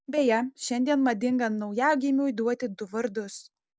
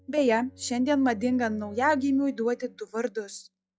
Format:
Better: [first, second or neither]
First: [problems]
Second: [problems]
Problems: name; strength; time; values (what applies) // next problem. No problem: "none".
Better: first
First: none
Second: noise reduction (classical method log-MMSE)